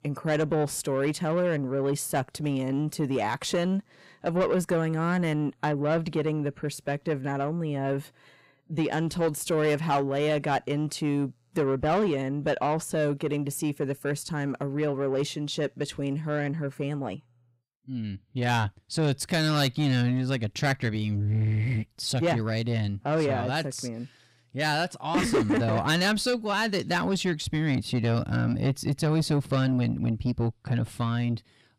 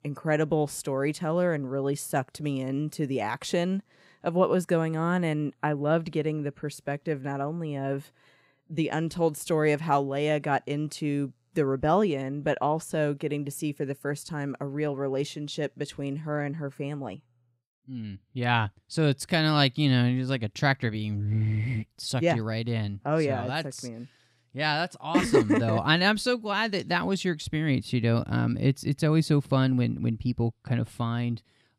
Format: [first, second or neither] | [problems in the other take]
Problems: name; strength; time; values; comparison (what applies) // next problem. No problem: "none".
second | distortion; slight; 10 dB below the speech